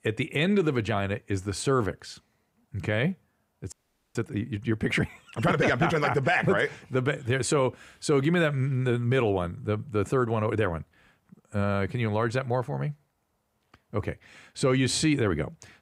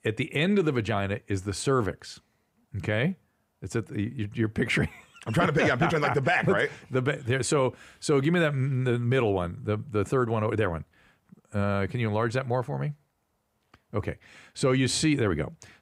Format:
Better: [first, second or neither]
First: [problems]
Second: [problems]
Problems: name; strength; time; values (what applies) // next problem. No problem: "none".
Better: second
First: audio freezing; at 3.5 s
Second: none